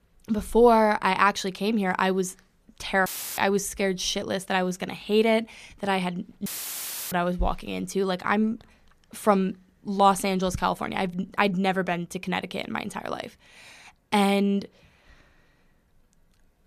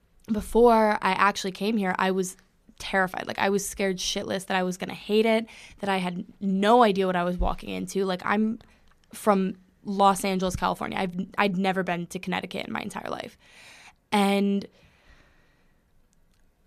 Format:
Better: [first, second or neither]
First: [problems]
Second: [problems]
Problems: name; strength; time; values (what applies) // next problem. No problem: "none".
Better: second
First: audio cutting out; filled with static; at 3 s and at 6.5 s for 0.5 s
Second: none